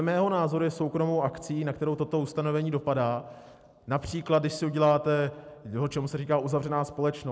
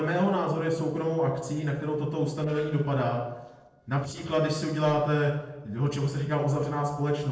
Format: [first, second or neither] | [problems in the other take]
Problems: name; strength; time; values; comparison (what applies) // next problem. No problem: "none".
first | noise reduction (neural separator model SepFormer DNS4)